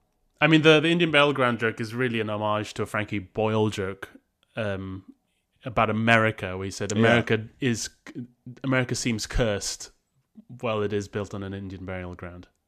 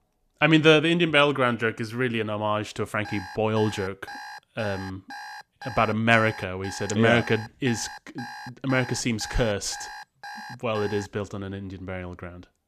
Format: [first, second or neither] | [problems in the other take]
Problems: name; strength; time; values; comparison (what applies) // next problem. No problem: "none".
first | alarm; faint; from 3 to 11 s; peak 15 dB below the speech